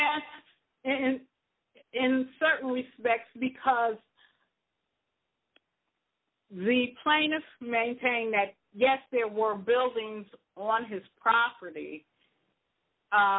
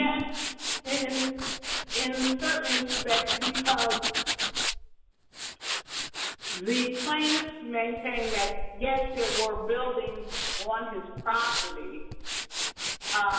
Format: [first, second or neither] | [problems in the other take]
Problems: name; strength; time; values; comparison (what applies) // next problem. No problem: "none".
first | background sound (Tools); 1 dB below the speech // room echo; dies away in 1 s